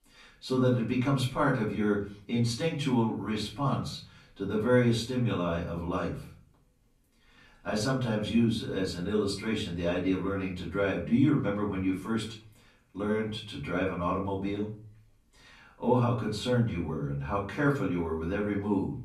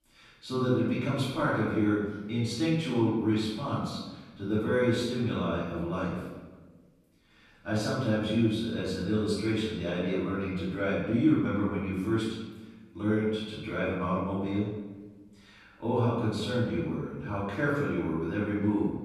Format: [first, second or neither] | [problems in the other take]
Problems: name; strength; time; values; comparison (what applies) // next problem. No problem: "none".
first | room echo; strong; dies away in 1 s; slight in the first // off-mic speech; far; far in the first